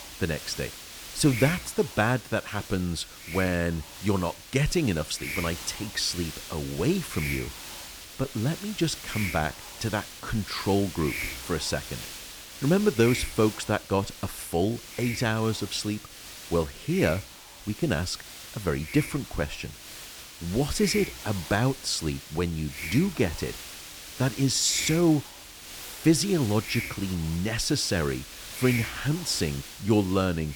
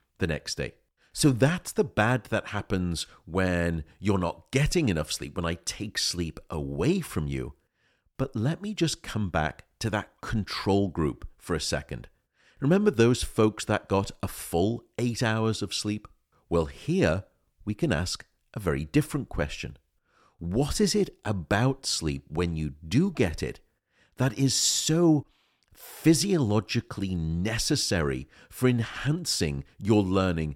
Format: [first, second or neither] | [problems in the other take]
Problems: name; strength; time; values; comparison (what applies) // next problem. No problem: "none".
second | hiss; loud; throughout; 10 dB below the speech